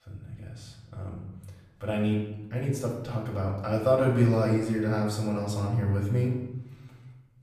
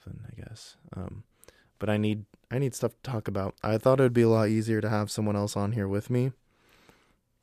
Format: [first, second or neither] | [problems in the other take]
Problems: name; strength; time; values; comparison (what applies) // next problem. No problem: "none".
second | off-mic speech; far // room echo; noticeable; dies away in 0.9 s